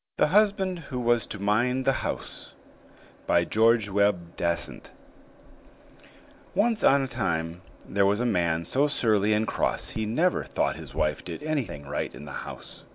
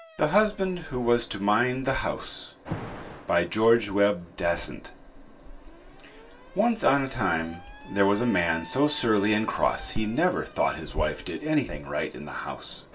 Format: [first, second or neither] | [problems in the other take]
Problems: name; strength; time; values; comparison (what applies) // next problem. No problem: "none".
first | background sound (Alarm); 19 dB below the speech // room echo; dies away in 0.2 s